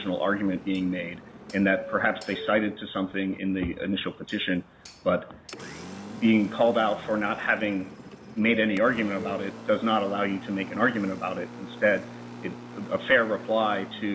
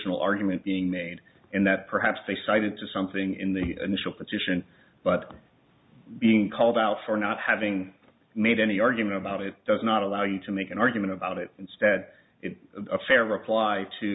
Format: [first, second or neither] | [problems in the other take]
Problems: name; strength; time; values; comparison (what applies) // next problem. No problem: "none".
second | background sound (Doorbell + Engine); 14 dB below the speech